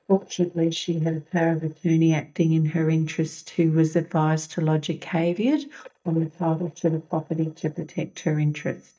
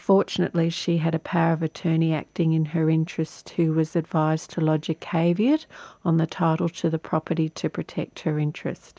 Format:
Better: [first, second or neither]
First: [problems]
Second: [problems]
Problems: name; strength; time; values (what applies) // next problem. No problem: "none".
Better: second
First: noise reduction (neural mask model DeepFilterNet 3)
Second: none